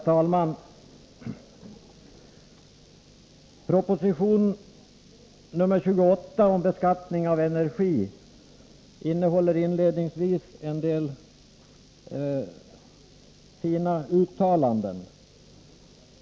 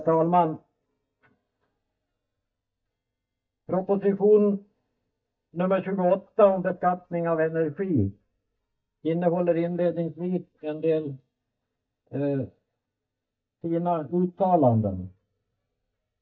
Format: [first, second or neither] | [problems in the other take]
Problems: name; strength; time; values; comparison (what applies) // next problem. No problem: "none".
first | noise reduction (neural mask model DeepFilterNet 3)